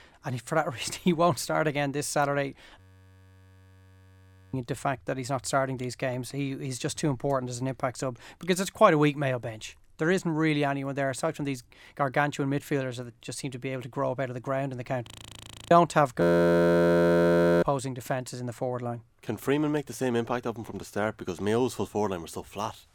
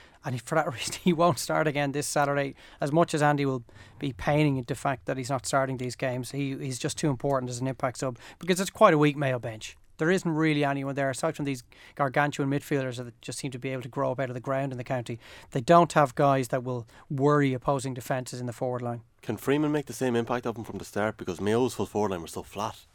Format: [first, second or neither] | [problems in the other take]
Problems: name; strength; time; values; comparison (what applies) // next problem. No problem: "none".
second | audio freezing; at 3 s for 1.5 s, at 15 s for 0.5 s and at 16 s for 1.5 s